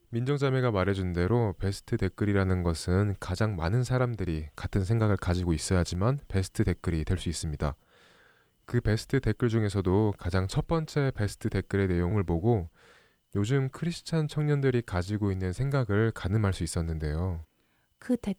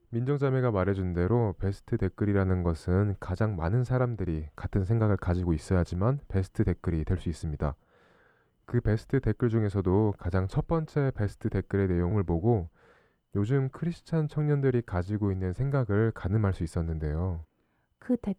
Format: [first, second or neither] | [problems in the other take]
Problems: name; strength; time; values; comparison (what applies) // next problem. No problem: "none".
first | muffled; slightly; fading above 2 kHz